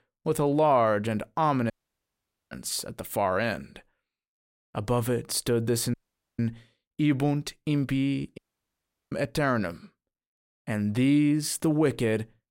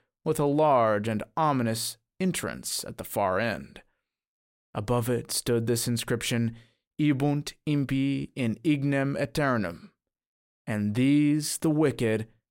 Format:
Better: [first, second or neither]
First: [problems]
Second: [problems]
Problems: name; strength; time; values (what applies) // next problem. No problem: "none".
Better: second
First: audio cutting out; at 1.5 s for 1 s, at 6 s and at 8.5 s for 0.5 s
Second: none